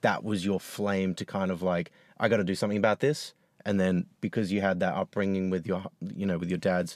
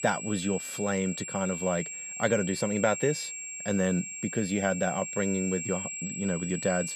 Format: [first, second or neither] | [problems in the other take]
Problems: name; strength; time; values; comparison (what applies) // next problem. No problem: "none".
first | high-pitched whine; loud; throughout; 7.5 kHz, 5 dB below the speech